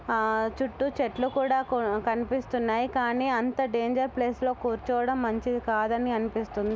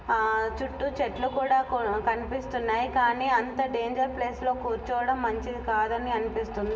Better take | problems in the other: first | room echo; dies away in 0.9 s

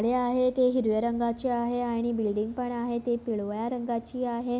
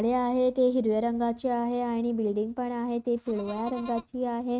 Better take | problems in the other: first | noise reduction (neural mask model RNNoise)

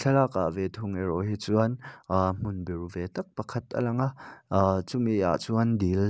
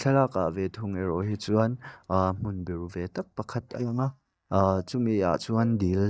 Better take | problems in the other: first | noise reduction (neural mask model DeepFilterNet 3)

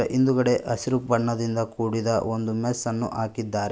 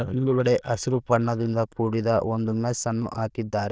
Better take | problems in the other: first | noise reduction (neural diffusion model UNIVERSE++)

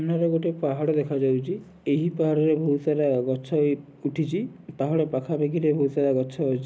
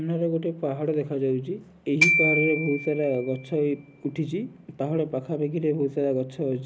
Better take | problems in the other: first | background sound (Glockenspiel); 2 dB below the speech

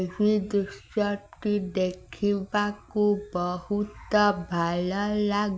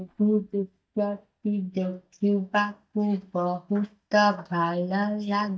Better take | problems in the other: first | noise reduction (neural mask model DeepFilterNet 3)

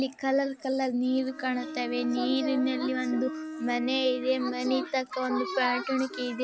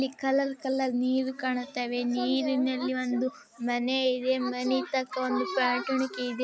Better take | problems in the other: second | background sound (Bowed string instrument); 11 dB below the speech

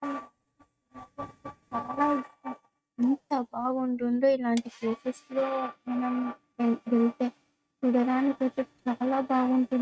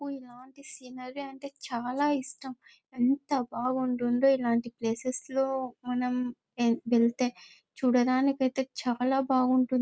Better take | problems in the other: second | noise reduction (neural mask model RNNoise)

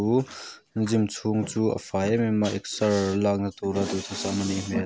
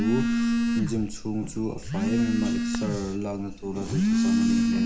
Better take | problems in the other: first | background sound (Telephone); 4 dB above the speech // room echo; dies away in 0.4 s

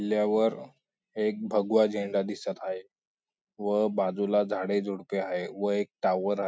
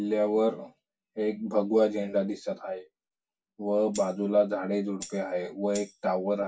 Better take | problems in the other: first | background sound (Tambourine); 16 dB below the speech // room echo; dies away in 0.1 s

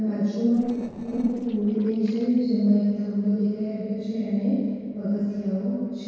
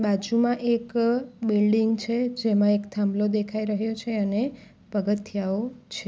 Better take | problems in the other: second | noise reduction (neural separator model SepFormer DNS4)

